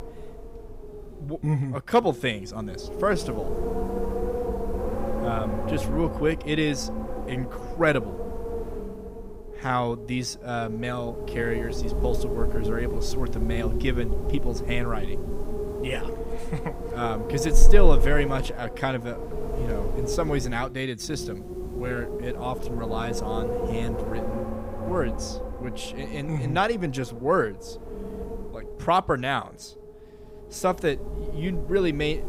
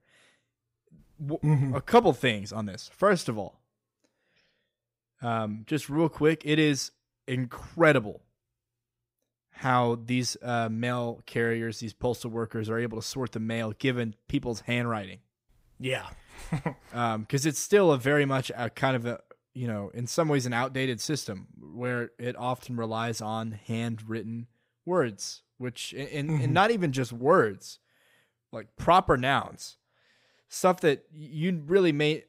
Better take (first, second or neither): second